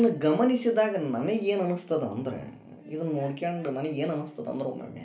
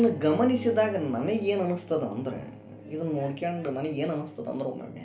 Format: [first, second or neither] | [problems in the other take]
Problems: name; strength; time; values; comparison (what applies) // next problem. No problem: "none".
first | background sound (Bowed string instrument); 17 dB below the speech